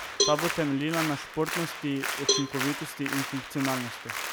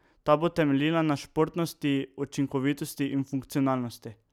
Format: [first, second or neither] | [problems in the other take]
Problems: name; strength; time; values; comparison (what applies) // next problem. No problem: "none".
second | background sound (Applause + Cowbell); 1 dB below the speech